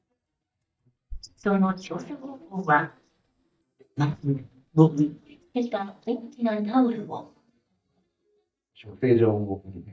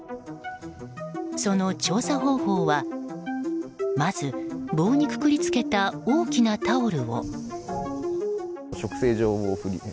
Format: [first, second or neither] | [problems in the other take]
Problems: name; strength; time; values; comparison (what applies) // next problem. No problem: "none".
second | noise reduction (neural mask model DeepFilterNet 3)